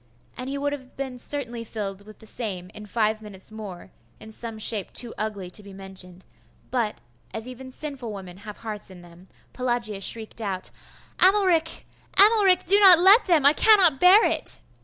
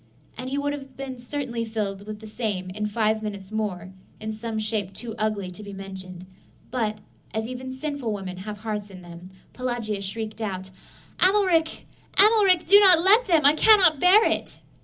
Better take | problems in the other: first | room echo; dies away in 0.4 s

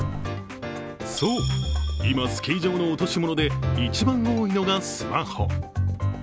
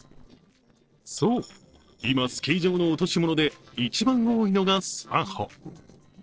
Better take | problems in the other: first | noise reduction (neural separator model SepFormer DNS4)

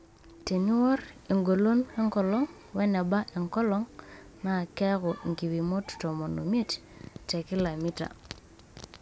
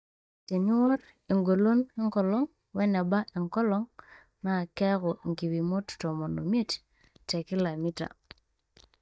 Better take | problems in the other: first | noise reduction (neural mask model DeepFilterNet 3)

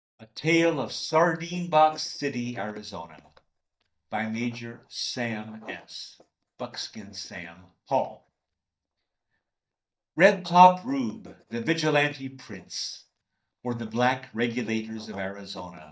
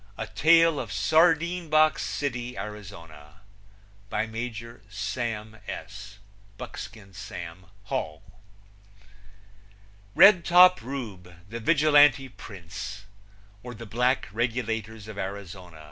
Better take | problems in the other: second | noise reduction (neural mask model DeepFilterNet 3)

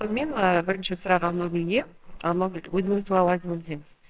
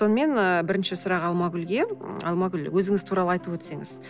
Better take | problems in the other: second | noise reduction (neural separator model SepFormer WHAMR!)

